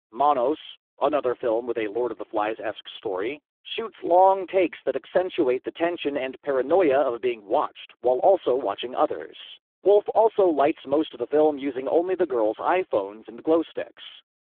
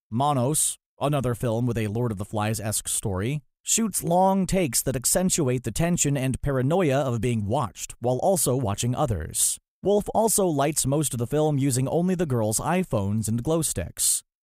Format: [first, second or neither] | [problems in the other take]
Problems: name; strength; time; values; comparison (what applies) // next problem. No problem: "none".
second | phone-call audio; poor line; nothing above 3.5 kHz